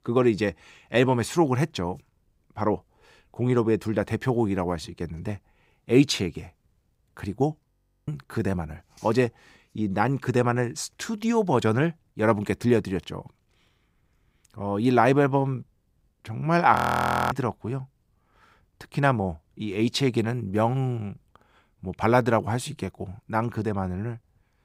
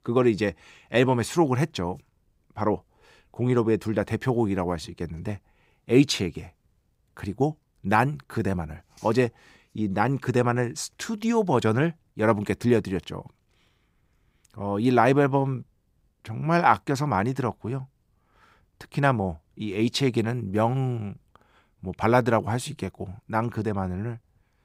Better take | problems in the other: second | audio freezing; at 7.5 s and at 17 s for 0.5 s

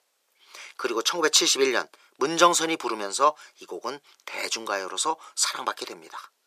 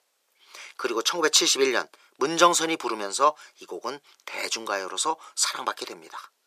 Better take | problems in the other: neither | thin; very; fading below 400 Hz; the same in both

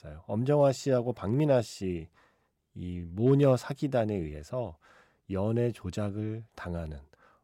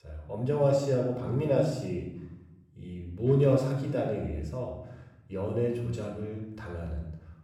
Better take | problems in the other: first | off-mic speech; somewhat distant // room echo; noticeable; dies away in 0.9 s

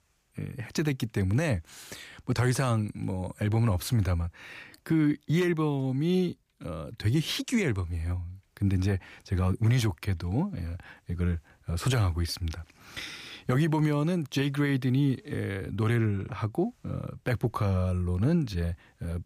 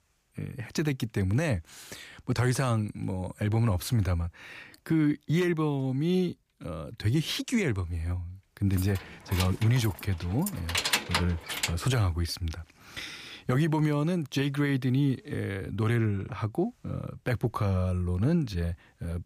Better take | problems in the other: first | jangling keys; loud; from 9 to 12 s; peak 3 dB above the speech

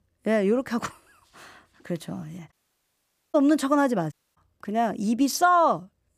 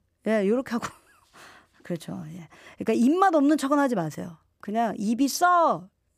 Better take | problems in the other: second | audio cutting out; at 2.5 s for 1 s and at 4 s

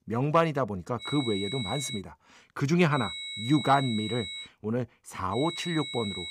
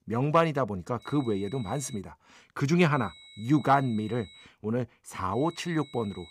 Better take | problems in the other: second | high-pitched whine; loud; at 1 s, from 3 to 4.5 s and at 5.5 s; 4 kHz, 7 dB below the speech; faint in the second

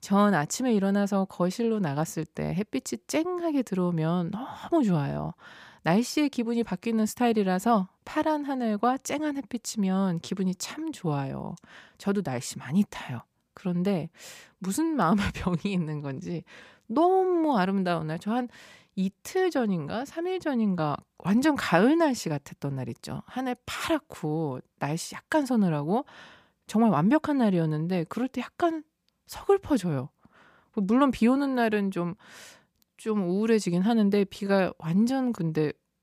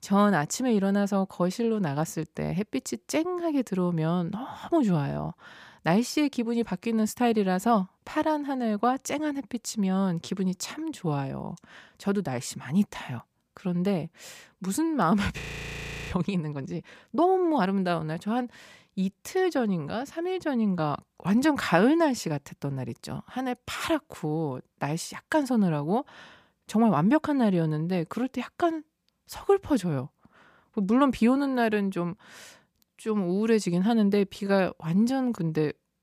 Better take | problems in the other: first | audio freezing; at 15 s for 0.5 s

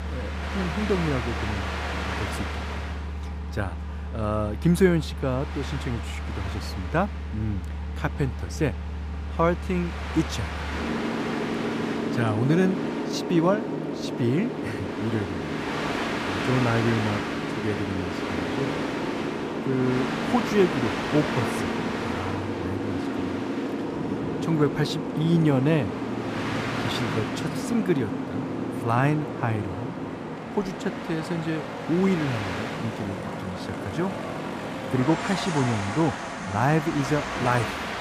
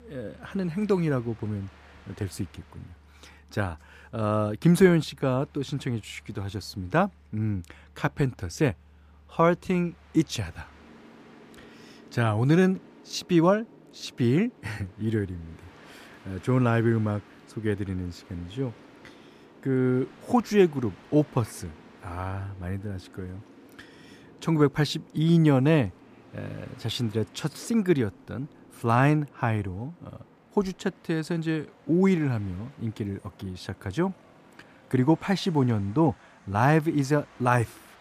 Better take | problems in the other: second | train or aircraft noise; loud; throughout; 3 dB below the speech; faint in the second

